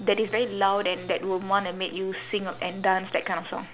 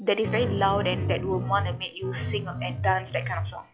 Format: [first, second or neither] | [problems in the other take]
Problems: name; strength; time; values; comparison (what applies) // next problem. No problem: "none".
first | noise reduction (classical method log-MMSE)